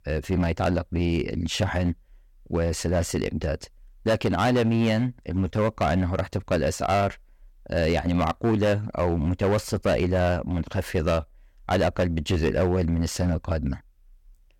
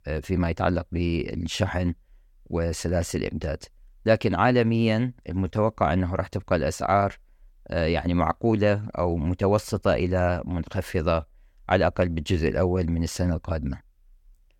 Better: second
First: distortion; slight; 8% of the sound clipped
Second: none

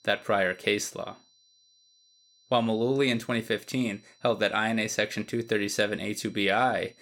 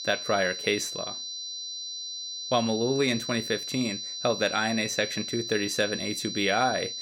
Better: first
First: high-pitched whine; faint; throughout; 4 kHz, 30 dB below the speech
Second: high-pitched whine; loud; throughout; 4 kHz, 5 dB below the speech

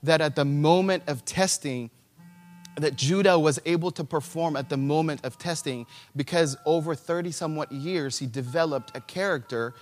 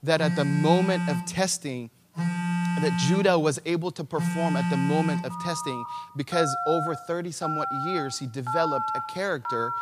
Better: first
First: alarms or sirens; faint; throughout; 25 dB below the speech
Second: alarms or sirens; loud; throughout; 1 dB below the speech

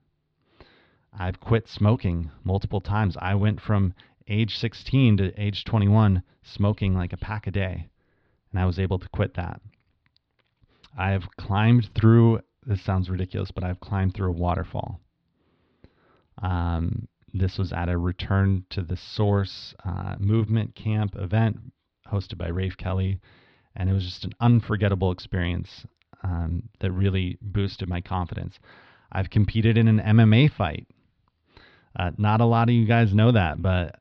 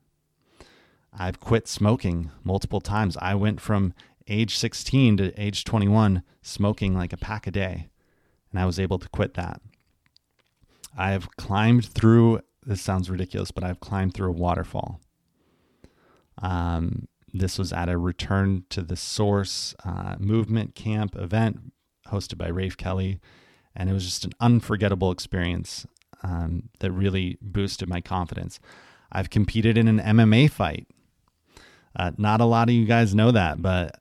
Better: second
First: muffled; very slightly; fading above 4 kHz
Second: none

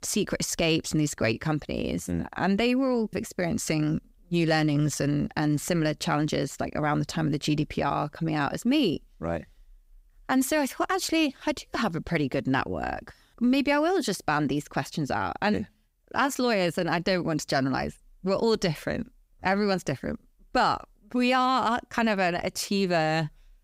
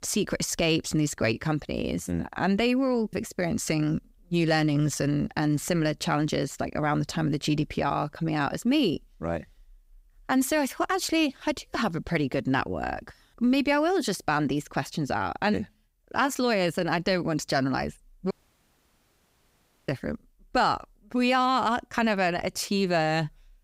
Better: first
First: none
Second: audio cutting out; at 18 s for 1.5 s

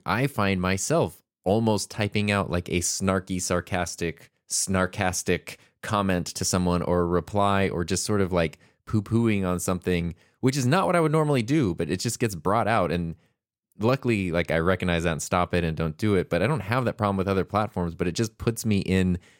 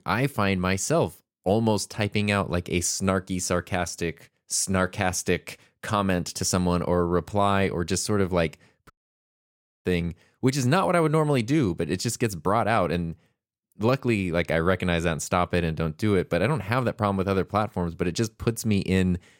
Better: first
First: none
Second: audio cutting out; at 9 s for 1 s

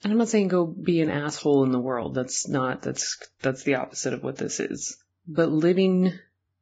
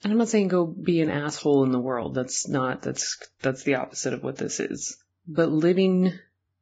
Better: neither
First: garbled, watery; badly; nothing above 7.5 kHz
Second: garbled, watery; badly; nothing above 7.5 kHz

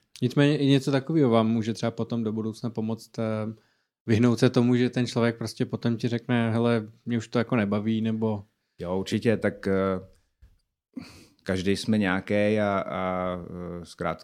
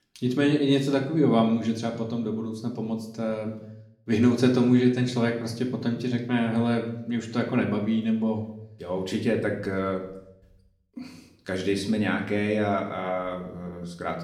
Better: first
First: none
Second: room echo; slight; dies away in 0.6 s // off-mic speech; somewhat distant

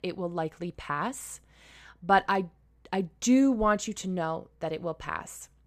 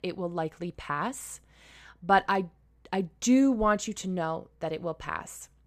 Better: neither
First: none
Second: none

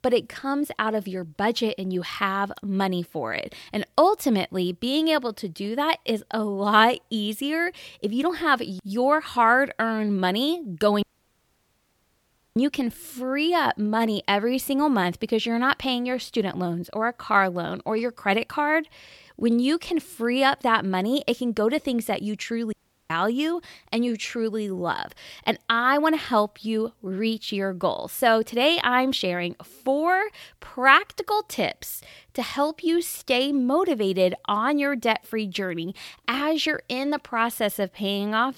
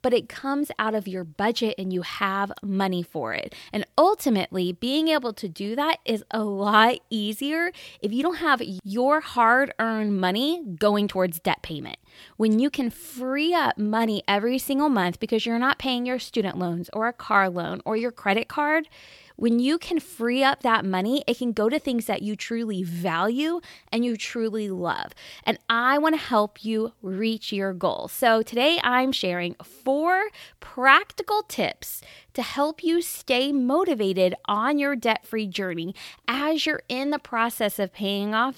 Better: second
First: audio cutting out; at 11 s for 1.5 s and at 23 s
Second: none

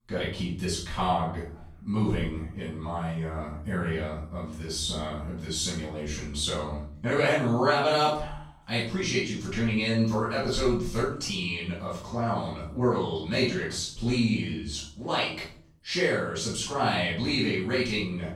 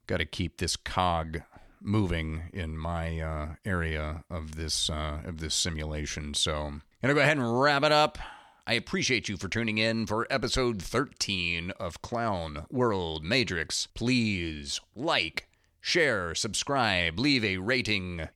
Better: second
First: off-mic speech; far // room echo; noticeable; dies away in 0.5 s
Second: none

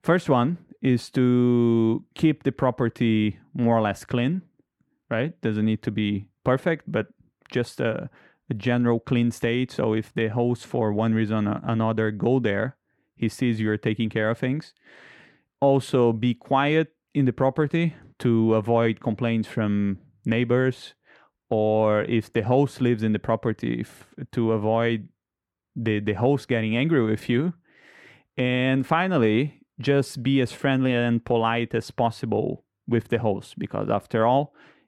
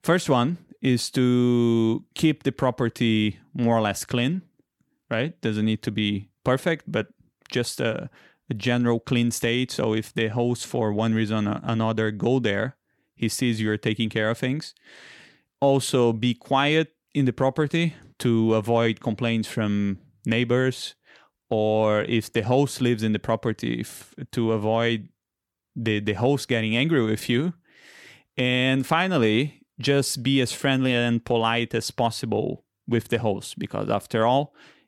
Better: second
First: muffled; slightly; fading above 3 kHz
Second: none

